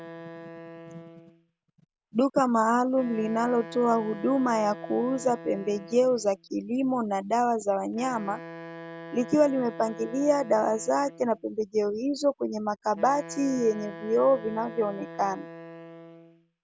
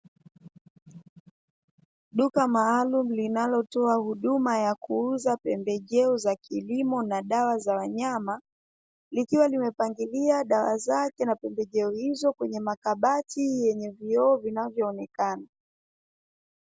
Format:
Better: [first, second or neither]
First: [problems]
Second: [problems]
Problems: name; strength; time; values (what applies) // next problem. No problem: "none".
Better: second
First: background sound (Wind instrument, woodwind instrument); 16 dB below the speech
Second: none